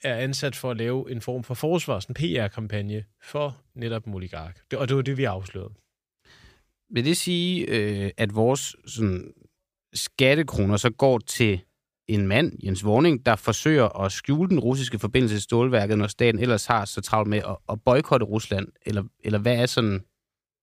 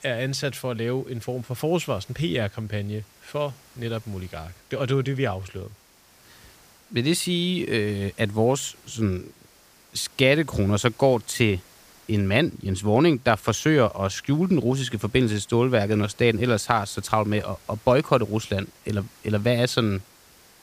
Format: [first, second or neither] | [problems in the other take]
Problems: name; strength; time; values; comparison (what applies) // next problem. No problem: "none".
first | hiss; faint; throughout; 25 dB below the speech